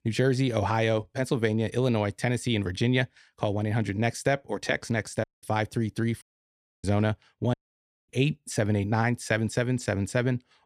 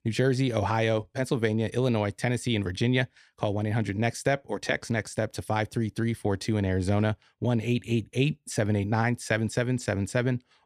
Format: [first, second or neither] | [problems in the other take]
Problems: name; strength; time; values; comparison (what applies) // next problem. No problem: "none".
second | audio cutting out; at 5 s, at 6 s for 0.5 s and at 7.5 s for 0.5 s